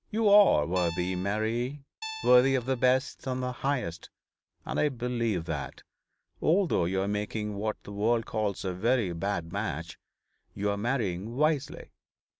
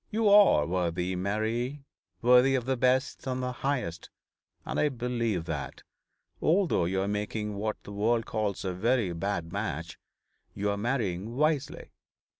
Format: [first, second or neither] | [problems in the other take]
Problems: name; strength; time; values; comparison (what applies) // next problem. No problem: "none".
second | background sound (Guitar); 14 dB below the speech